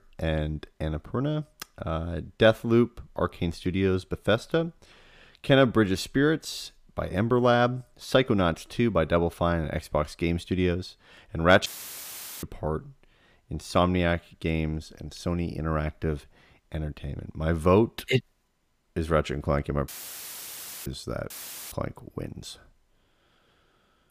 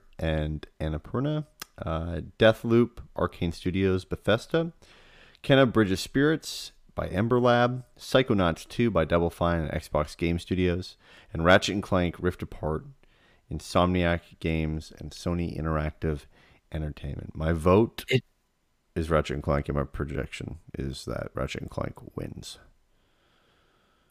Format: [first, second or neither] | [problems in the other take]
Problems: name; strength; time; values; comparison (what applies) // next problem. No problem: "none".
second | audio cutting out; filled with static; at 12 s for 1 s, at 20 s for 1 s and at 21 s